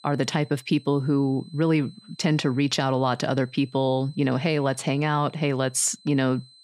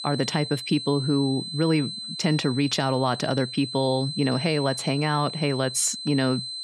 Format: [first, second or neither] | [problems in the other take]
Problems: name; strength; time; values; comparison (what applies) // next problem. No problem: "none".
first | high-pitched whine; loud; throughout; 4 kHz, 8 dB below the speech; faint in the first